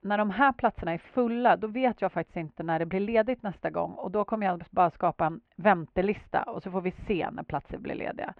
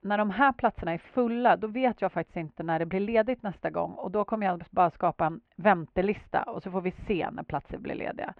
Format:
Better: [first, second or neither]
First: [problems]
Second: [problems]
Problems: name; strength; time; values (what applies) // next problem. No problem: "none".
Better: neither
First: muffled; very; fading above 2.5 kHz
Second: muffled; very; fading above 2.5 kHz